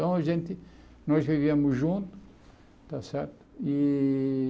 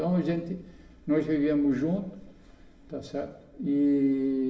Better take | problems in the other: first | room echo; dies away in 0.8 s

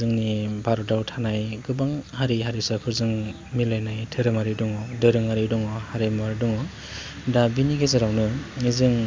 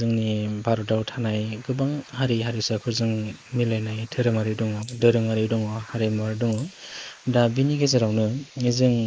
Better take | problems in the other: first | noise reduction (neural mask model Resemble Enhance denoiser)

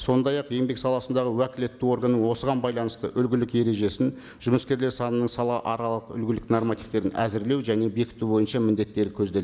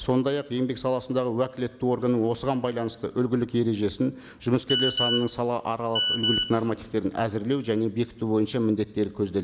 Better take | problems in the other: first | background sound (Telephone); 2 dB below the speech

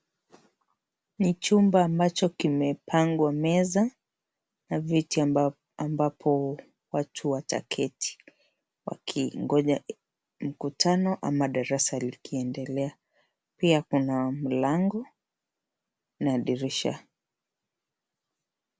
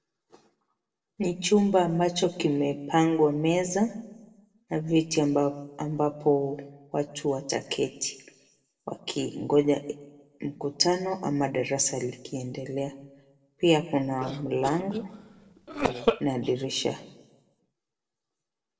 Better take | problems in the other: first | noise reduction (neural separator model SepFormer DNS4)

